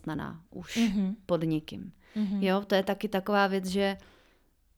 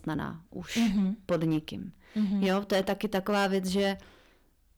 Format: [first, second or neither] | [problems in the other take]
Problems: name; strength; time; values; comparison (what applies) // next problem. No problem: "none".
first | distortion; slight; 6% of the sound clipped